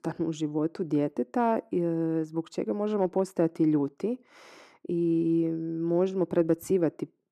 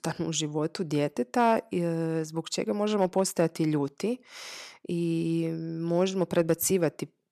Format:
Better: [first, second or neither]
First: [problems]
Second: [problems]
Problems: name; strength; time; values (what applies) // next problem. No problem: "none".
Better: second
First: muffled; slightly; fading above 2 kHz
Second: none